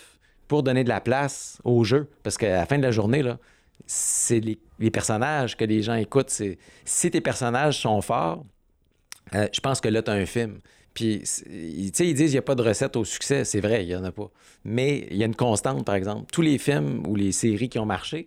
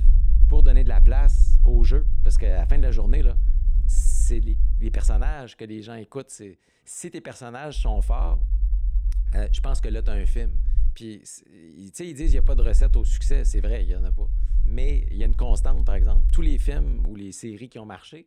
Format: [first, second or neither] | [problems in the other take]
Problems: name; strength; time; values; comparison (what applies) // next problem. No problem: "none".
first | low rumble; noticeable; until 5.5 s, from 8 to 11 s and from 12 to 17 s; 10 dB below the speech